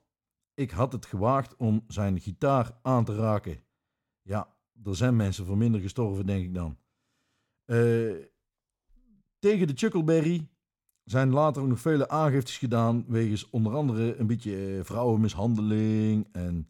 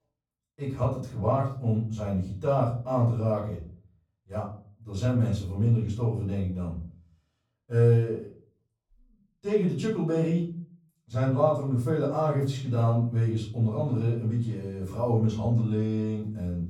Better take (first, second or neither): first